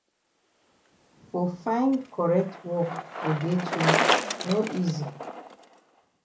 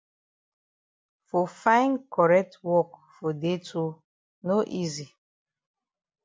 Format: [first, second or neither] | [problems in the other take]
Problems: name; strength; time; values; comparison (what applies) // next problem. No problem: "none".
second | background sound (Bicycle); 3 dB below the speech // room echo; dies away in 0.4 s